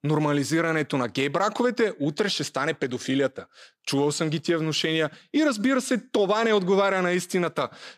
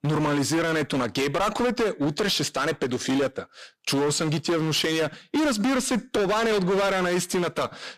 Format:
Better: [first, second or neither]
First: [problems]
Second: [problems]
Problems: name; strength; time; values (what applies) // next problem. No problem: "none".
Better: first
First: none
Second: distortion; heavy; 23% of the sound clipped